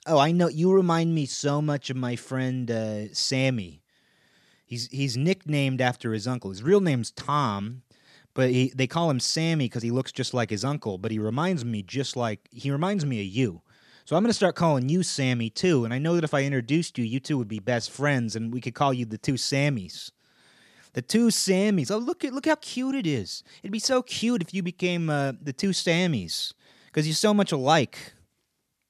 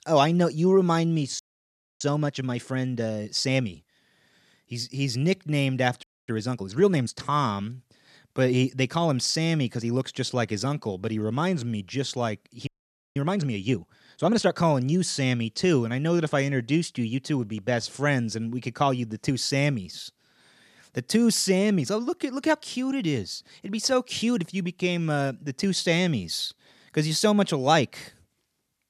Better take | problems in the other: first | audio freezing; at 1.5 s for 0.5 s, at 6 s and at 13 s

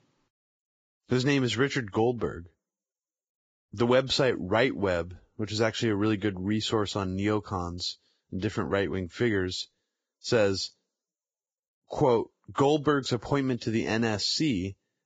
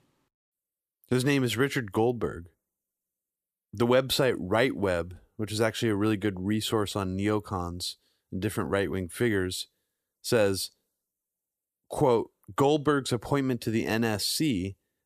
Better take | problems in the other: second | garbled, watery; badly; nothing above 7.5 kHz

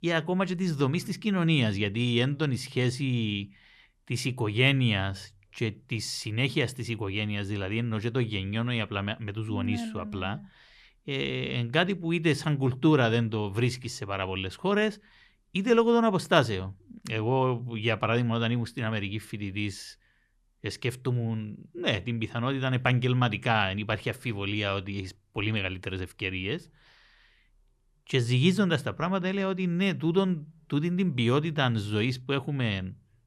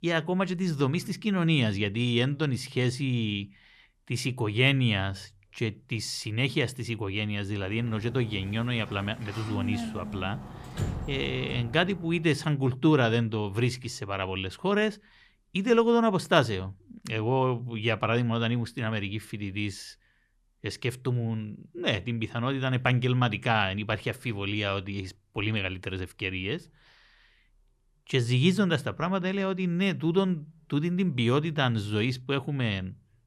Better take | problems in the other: first | door banging; noticeable; from 8 to 12 s; peak 5 dB below the speech

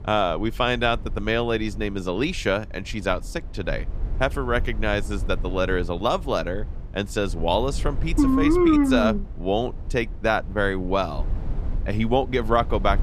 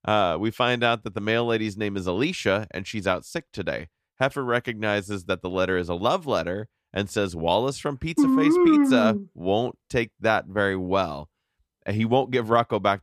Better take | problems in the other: second | low rumble; faint; throughout; 20 dB below the speech

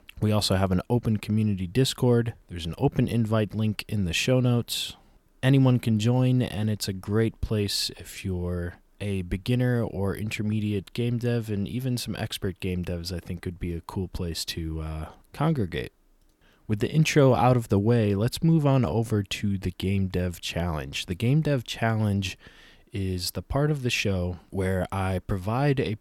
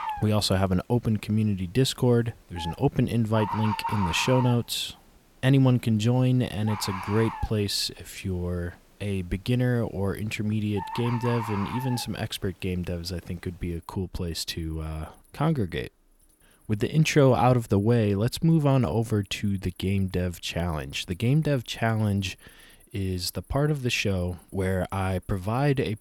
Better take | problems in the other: first | animal sounds; loud; throughout; 9 dB below the speech

